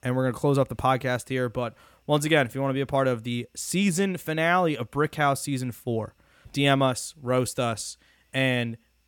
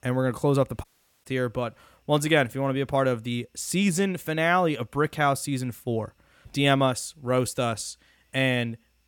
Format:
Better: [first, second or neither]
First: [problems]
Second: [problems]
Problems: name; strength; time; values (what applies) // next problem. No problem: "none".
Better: first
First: none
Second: audio cutting out; at 1 s